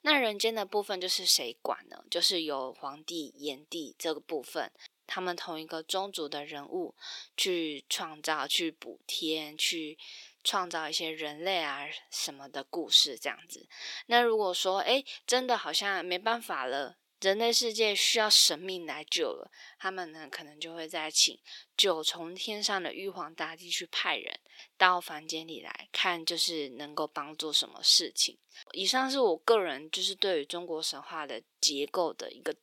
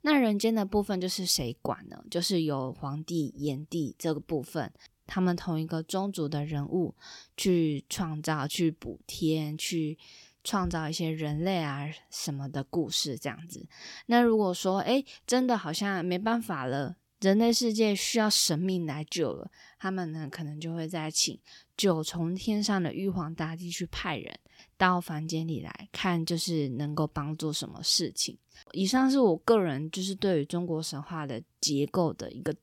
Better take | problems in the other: second | thin; very; fading below 400 Hz

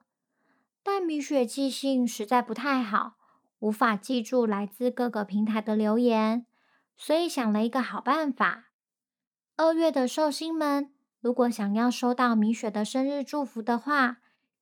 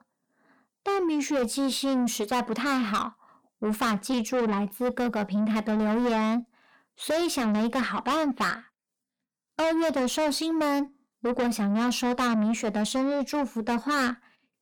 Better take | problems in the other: first | distortion; heavy; 8 dB below the speech

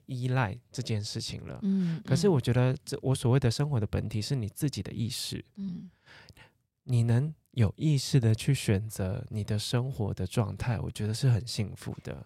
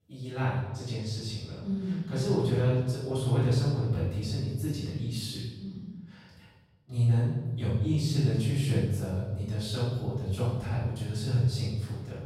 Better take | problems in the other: first | room echo; strong; dies away in 1 s // off-mic speech; far

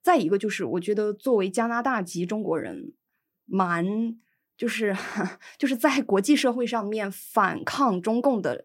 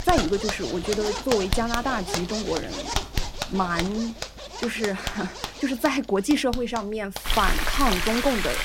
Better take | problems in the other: first | household noises; loud; throughout; 4 dB below the speech

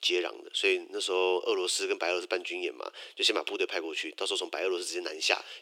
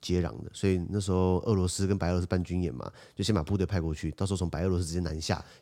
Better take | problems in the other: second | thin; very; fading below 350 Hz

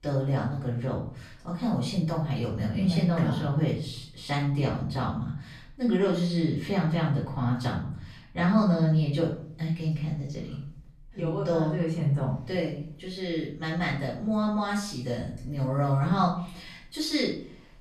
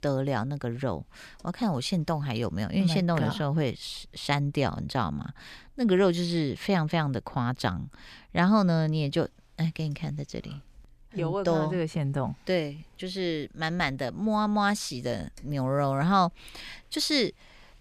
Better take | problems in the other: second | room echo; noticeable; dies away in 0.5 s // off-mic speech; far

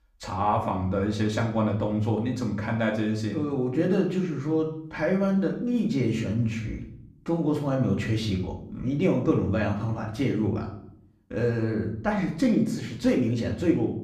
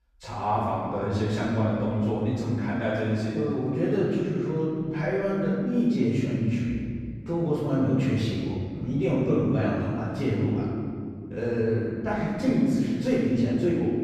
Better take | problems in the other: first | room echo; strong; dies away in 2.1 s; slight in the first // off-mic speech; far; far in the first

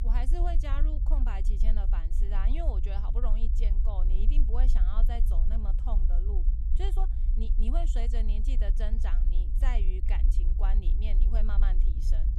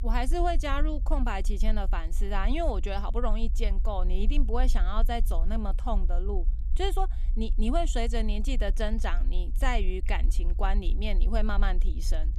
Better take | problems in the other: second | low rumble; loud; throughout; 8 dB below the speech; faint in the second

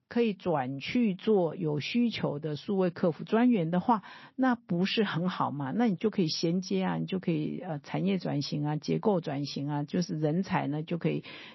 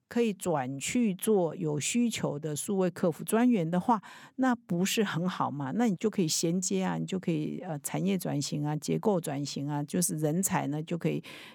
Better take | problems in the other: second | garbled, watery; slightly; nothing above 5.5 kHz

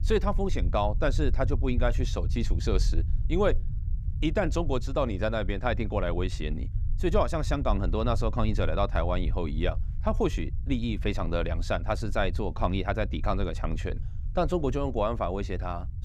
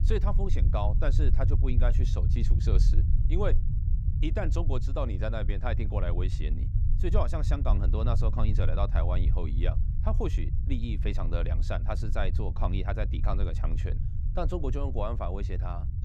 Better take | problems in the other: first | low rumble; loud; throughout; 9 dB below the speech; faint in the first

